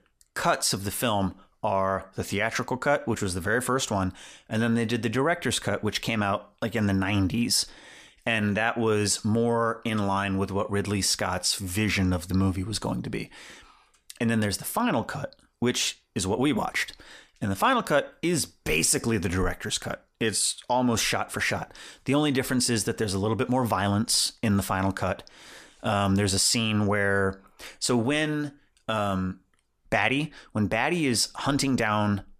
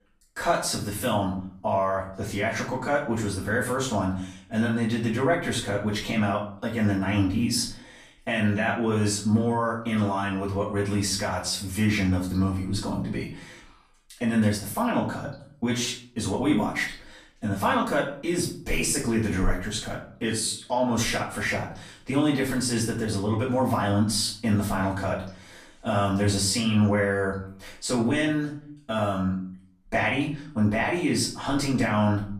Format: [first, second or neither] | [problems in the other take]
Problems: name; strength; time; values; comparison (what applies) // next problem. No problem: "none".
first | off-mic speech; far // room echo; slight; dies away in 0.4 s